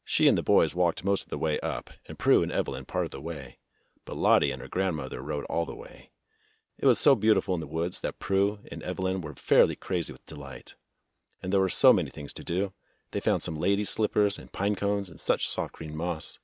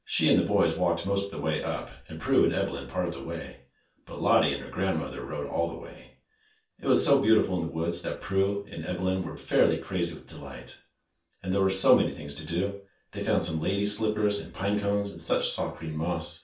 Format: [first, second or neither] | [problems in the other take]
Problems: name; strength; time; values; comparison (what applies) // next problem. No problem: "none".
first | room echo; dies away in 0.3 s